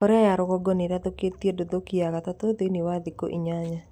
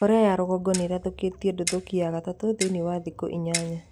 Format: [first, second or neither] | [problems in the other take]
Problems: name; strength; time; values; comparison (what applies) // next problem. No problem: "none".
first | background sound (Clock); 13 dB below the speech